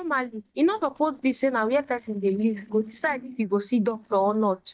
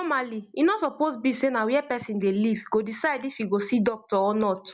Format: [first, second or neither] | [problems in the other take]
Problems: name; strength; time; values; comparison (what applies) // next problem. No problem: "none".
second | noise reduction (neural mask model DeepFilterNet 3)